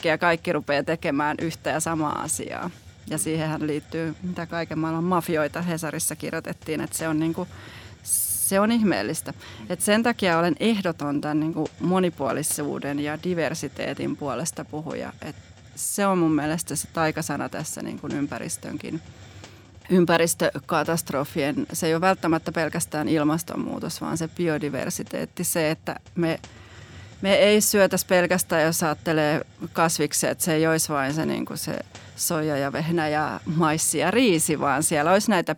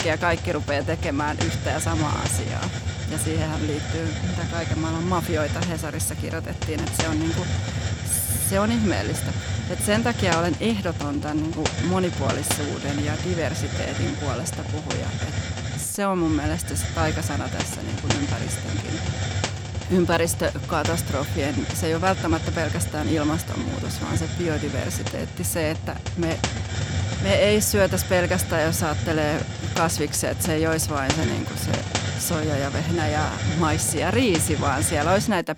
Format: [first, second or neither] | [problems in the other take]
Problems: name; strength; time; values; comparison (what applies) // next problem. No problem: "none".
first | hiss; loud; throughout; 3 dB below the speech; faint in the first